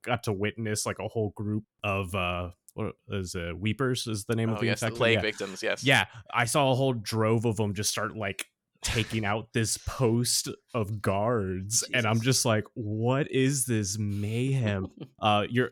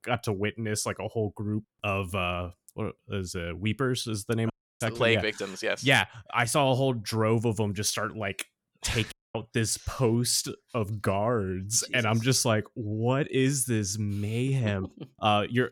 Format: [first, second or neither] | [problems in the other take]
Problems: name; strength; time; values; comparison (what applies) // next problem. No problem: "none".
first | audio cutting out; at 4.5 s and at 9 s